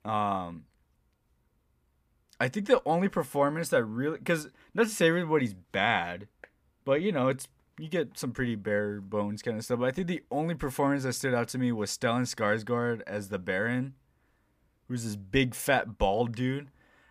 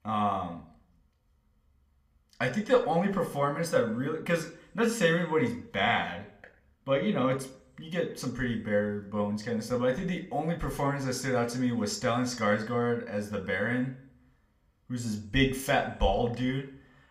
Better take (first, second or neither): first